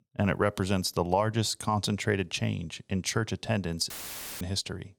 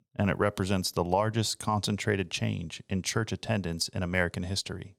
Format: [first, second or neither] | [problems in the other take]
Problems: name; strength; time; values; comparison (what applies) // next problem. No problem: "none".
second | audio cutting out; filled with static; at 4 s for 0.5 s